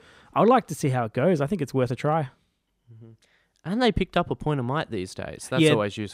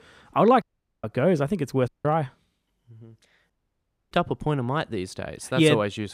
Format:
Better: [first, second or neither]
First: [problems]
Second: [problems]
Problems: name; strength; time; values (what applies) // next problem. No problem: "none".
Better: first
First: none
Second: audio cutting out; at 0.5 s, at 2 s and at 3.5 s for 0.5 s